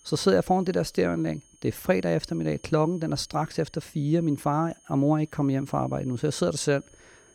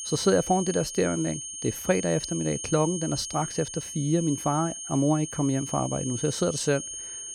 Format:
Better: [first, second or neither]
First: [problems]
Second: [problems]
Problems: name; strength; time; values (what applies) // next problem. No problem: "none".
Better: first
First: high-pitched whine; faint; throughout; 6.5 kHz, 30 dB below the speech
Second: high-pitched whine; loud; throughout; 6.5 kHz, 7 dB below the speech